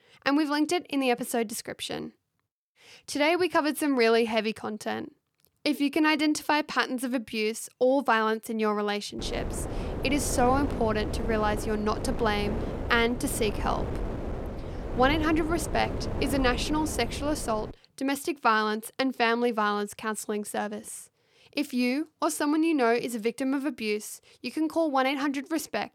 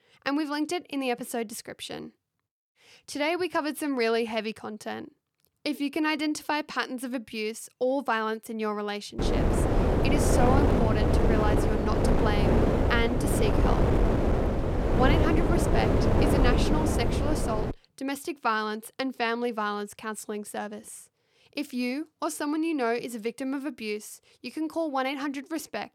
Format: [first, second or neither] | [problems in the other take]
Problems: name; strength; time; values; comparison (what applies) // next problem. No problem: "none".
first | wind noise on the microphone; heavy; from 9 to 18 s; 2 dB above the speech; occasional gusts in the first